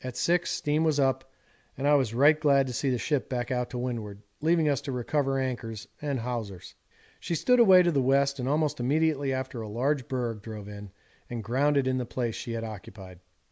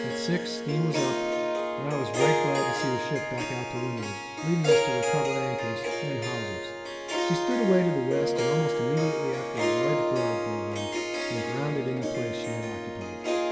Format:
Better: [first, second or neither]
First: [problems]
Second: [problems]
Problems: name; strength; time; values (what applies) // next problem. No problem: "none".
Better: first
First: none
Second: background sound (Harp); 3 dB above the speech // room echo; dies away in 1.3 s